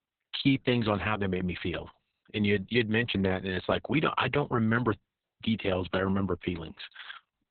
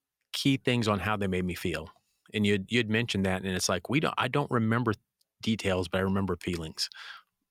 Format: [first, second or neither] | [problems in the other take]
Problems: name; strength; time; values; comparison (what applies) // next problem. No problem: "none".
second | garbled, watery; badly; nothing above 4 kHz